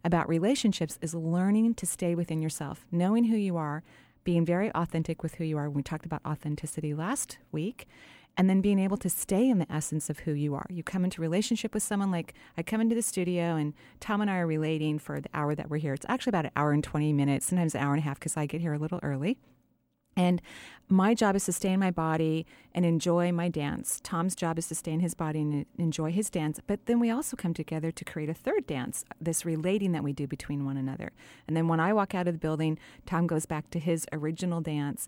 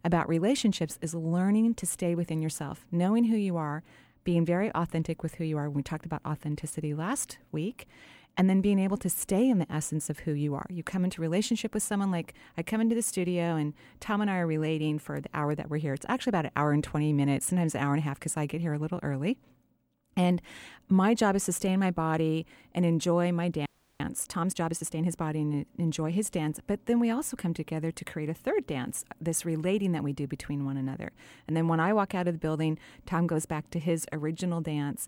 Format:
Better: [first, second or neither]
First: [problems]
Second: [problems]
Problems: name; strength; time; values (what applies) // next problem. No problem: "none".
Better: first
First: none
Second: audio freezing; at 24 s